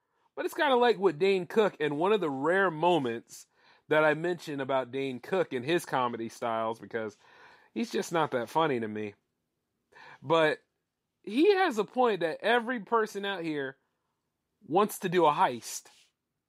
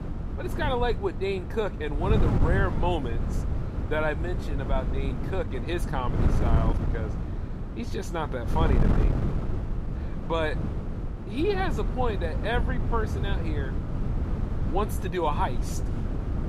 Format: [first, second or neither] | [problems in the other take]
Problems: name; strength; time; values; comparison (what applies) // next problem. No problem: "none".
first | wind noise on the microphone; heavy; 8 dB below the speech